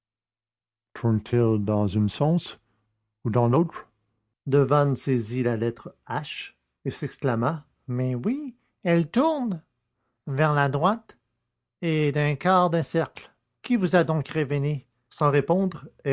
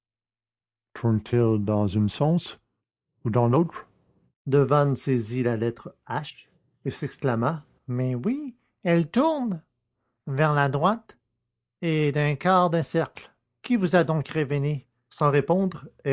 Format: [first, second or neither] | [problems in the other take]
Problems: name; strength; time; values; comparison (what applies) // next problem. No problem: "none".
first | noise reduction (neural mask model Resemble Enhance denoiser)